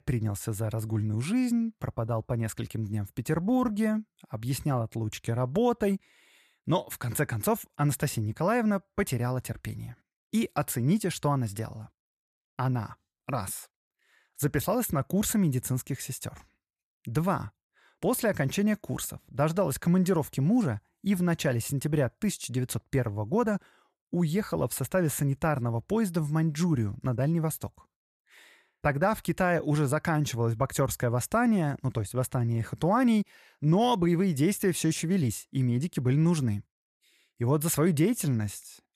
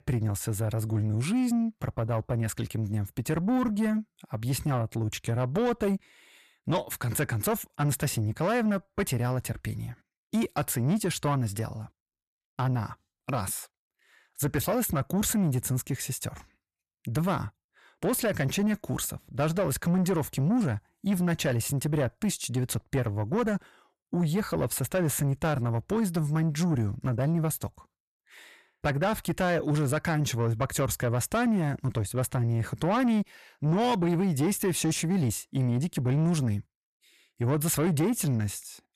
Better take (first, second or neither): first